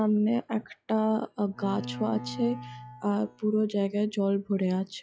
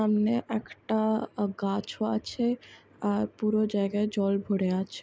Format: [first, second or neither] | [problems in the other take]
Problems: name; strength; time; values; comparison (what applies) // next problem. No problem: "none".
second | noise reduction (classical method log-MMSE)